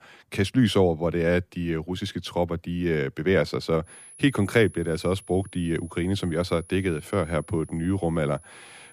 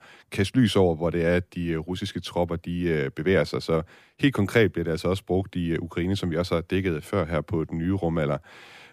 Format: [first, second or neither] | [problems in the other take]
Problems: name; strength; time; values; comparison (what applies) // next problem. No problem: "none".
second | high-pitched whine; faint; from 4 s on; 10.5 kHz, 20 dB below the speech